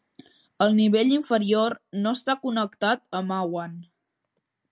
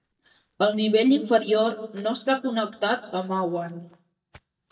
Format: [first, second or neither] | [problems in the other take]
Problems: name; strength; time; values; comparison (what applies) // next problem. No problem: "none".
first | noise reduction (neural mask model DeepFilterNet 3)